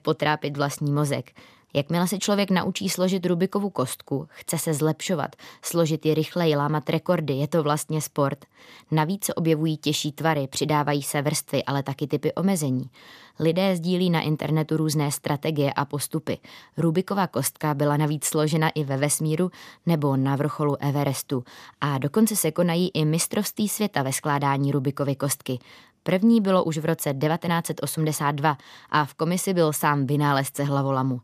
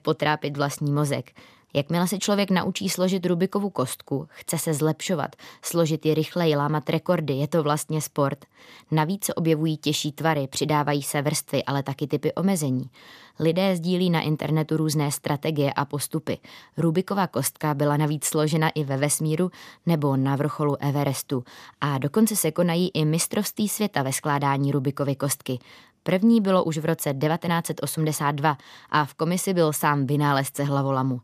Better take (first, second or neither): neither